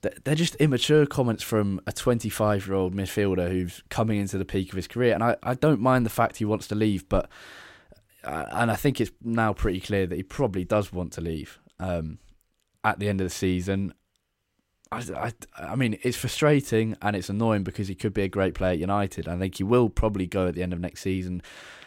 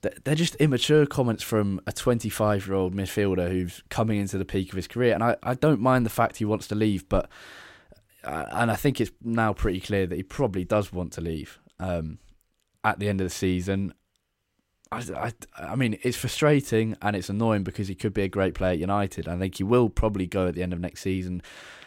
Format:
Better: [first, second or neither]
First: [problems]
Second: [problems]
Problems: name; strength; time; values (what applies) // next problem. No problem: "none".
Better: neither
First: none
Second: none